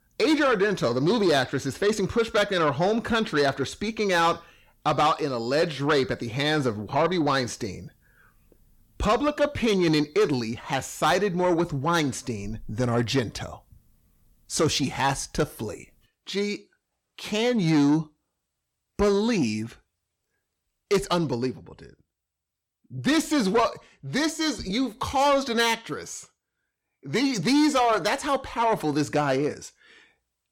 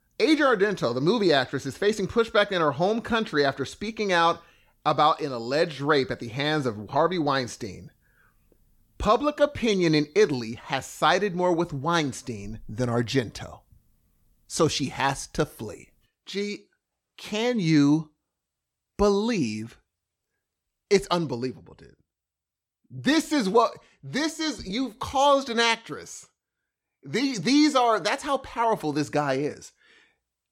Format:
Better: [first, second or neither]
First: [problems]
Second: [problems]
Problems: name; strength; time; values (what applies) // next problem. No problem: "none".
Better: second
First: distortion; slight; 10 dB below the speech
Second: none